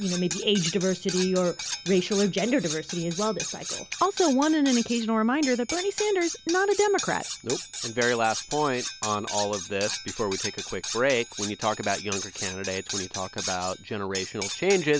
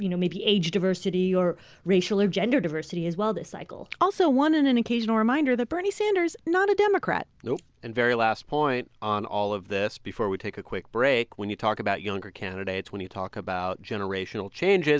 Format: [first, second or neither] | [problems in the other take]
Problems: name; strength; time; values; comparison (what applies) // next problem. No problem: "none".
second | background sound (Cutlery, silverware); 8 dB below the speech